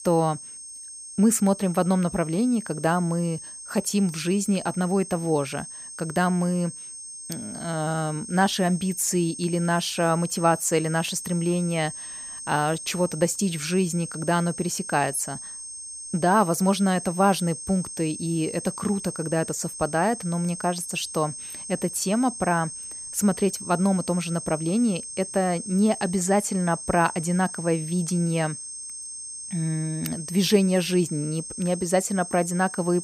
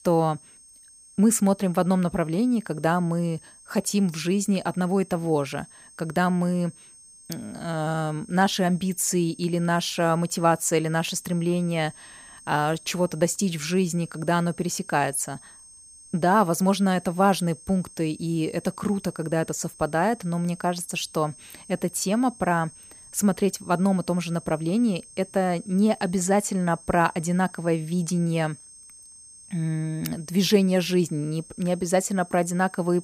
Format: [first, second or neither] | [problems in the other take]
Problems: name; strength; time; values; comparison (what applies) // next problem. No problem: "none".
second | high-pitched whine; loud; throughout; 8.5 kHz, 10 dB below the speech; faint in the second